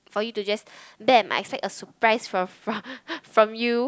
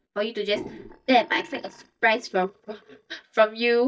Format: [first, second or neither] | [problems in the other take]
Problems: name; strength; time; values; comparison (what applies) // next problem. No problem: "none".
first | noise reduction (neural mask model DeepFilterNet 3)